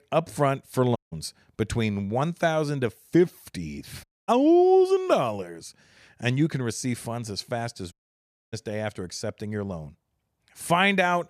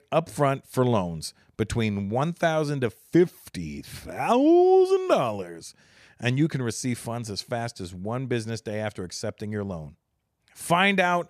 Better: second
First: audio cutting out; at 1 s, at 4 s and at 8 s for 0.5 s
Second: none

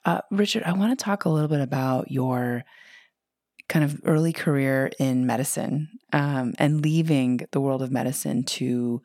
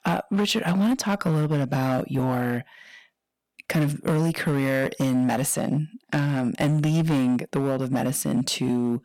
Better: first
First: none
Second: distortion; slight; 11% of the sound clipped

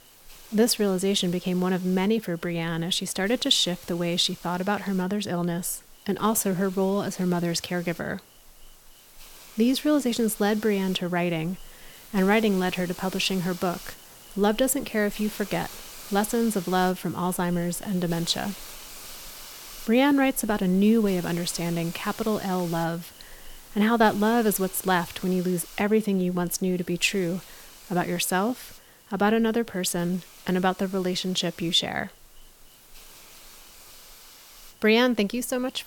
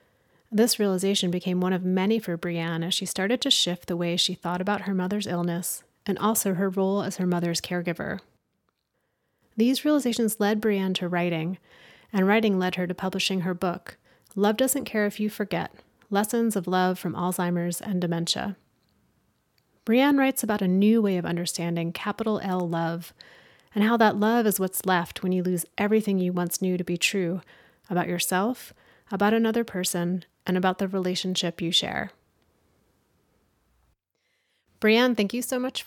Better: second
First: hiss; noticeable; throughout; 20 dB below the speech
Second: none

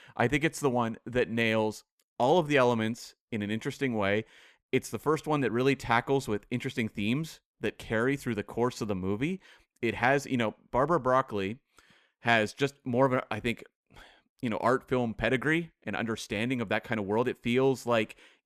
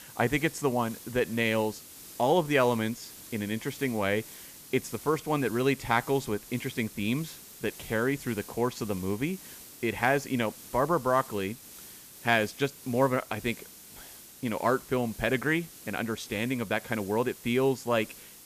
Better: first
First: none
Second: hiss; noticeable; throughout; 15 dB below the speech

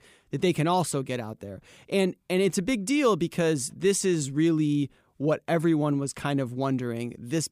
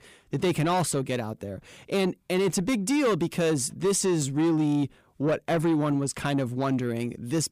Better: first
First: none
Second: distortion; slight; 10 dB below the speech

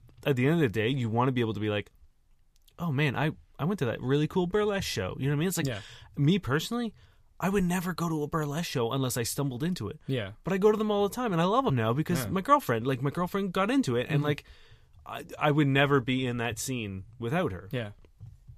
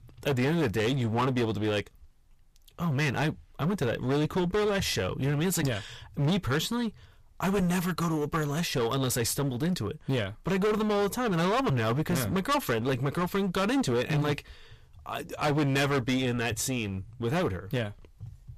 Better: first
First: none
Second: distortion; heavy; 18% of the sound clipped

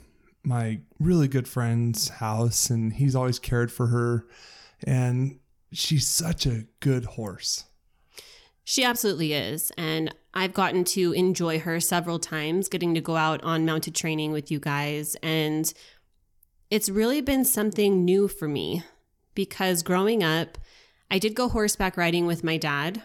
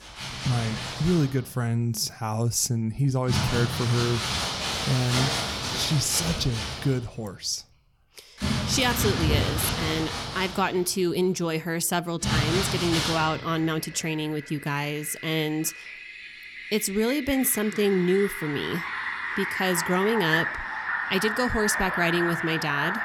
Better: first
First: none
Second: household noises; loud; throughout; 3 dB below the speech

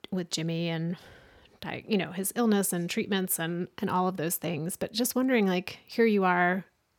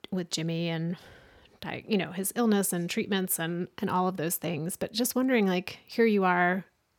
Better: neither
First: none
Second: none

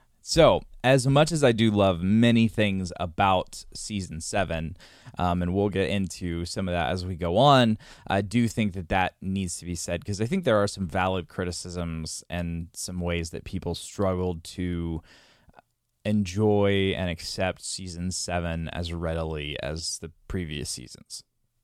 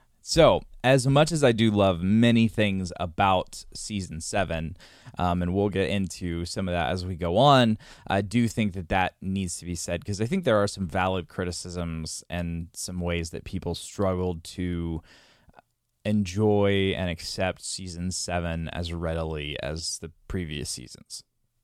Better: neither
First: none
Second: none

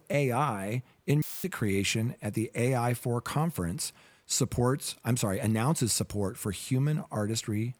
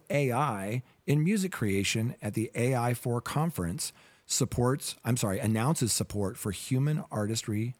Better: second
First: audio cutting out; filled with static; at 1 s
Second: none

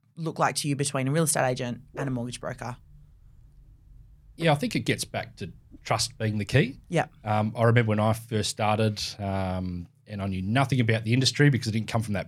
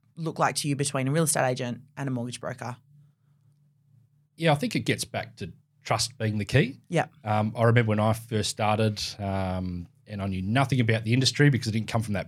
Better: second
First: dog barking; faint; from 1.5 to 7.5 s; peak 15 dB below the speech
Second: none

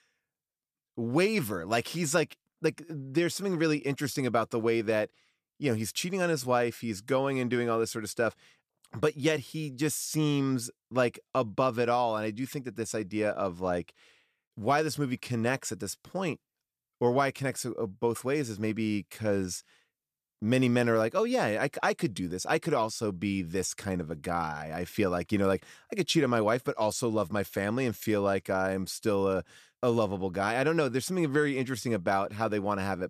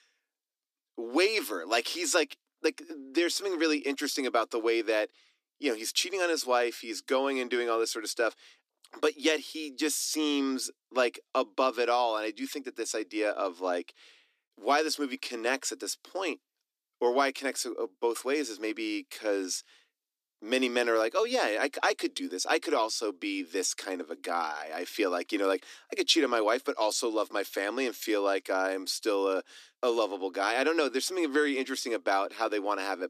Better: first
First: none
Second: thin; very slightly; fading below 250 Hz

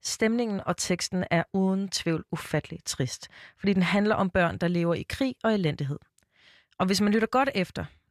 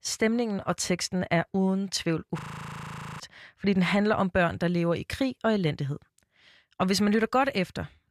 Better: first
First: none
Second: audio freezing; at 2.5 s for 1 s

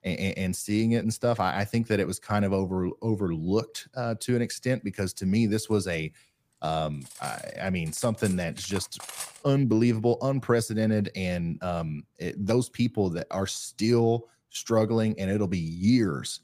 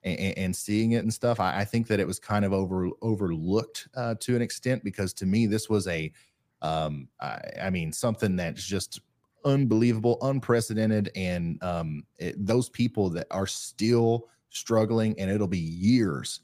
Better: second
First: clattering dishes; noticeable; from 5.5 to 9.5 s; peak 9 dB below the speech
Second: none

